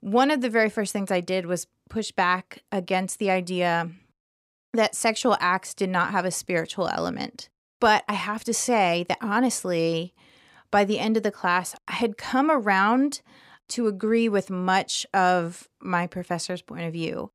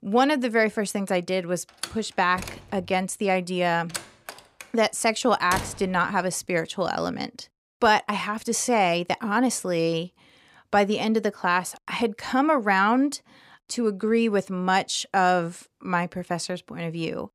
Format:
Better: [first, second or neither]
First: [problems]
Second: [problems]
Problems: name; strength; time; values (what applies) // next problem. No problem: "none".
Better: first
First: none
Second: door banging; noticeable; from 2 to 6 s; peak 7 dB below the speech